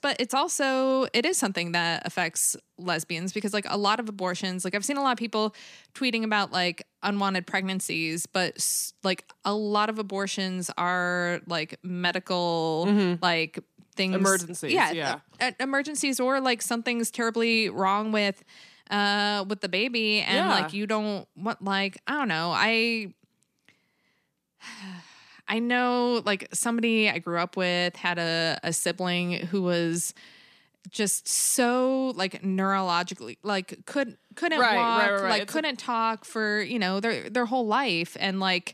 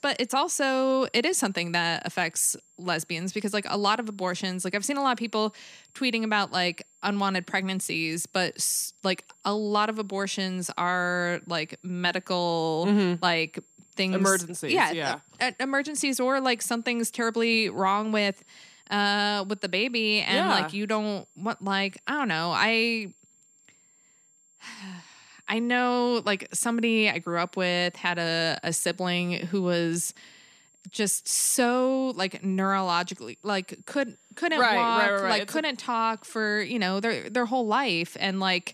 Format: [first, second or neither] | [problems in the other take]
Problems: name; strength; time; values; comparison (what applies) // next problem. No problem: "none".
first | high-pitched whine; faint; throughout; 7.5 kHz, 30 dB below the speech